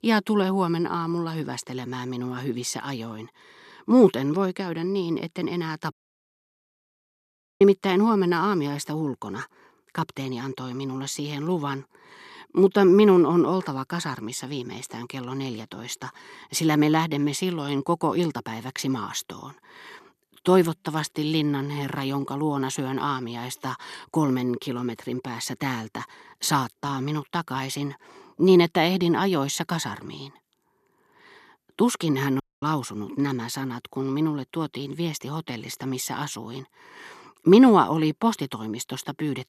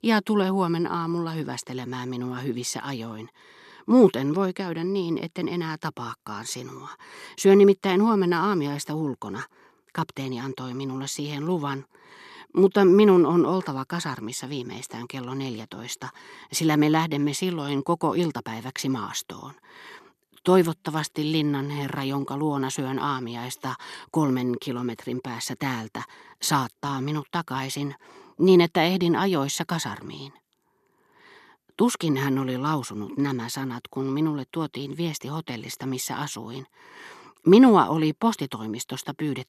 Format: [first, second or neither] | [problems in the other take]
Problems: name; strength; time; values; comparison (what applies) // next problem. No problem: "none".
second | audio cutting out; at 6 s for 1.5 s and at 32 s